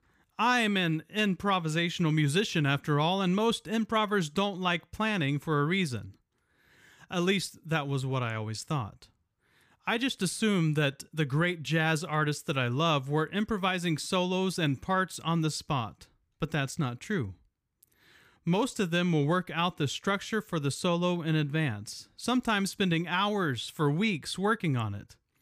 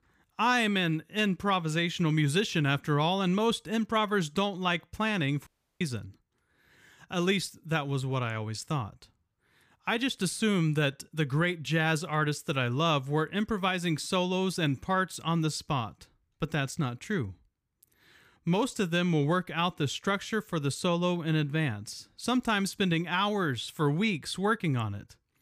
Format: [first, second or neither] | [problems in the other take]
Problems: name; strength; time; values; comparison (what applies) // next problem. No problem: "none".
first | audio cutting out; at 5.5 s